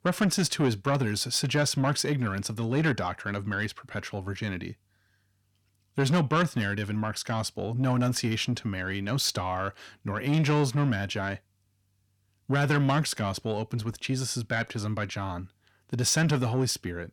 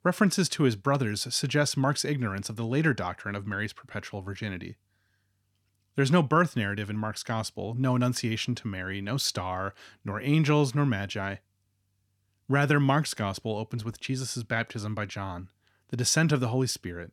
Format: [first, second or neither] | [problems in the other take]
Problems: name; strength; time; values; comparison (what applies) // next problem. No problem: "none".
second | distortion; slight; 10 dB below the speech